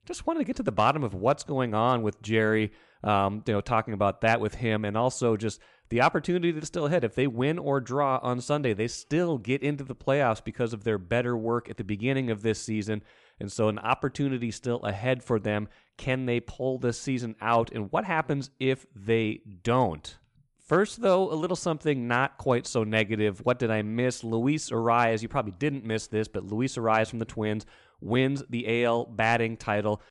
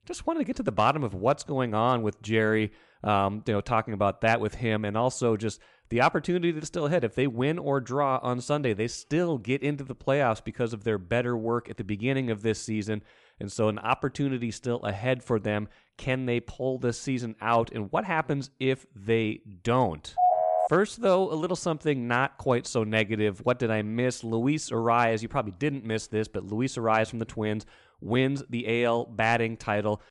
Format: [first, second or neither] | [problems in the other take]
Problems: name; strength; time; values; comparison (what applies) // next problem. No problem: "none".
first | phone ringing; loud; at 20 s; peak 5 dB above the speech